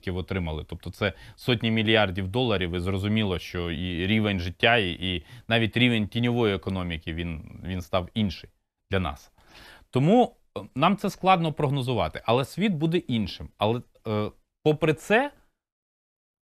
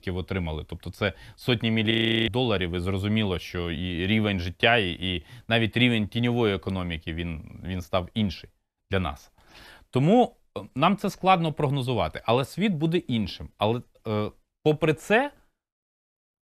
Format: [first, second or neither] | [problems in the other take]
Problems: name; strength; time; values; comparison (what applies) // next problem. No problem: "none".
first | audio freezing; at 2 s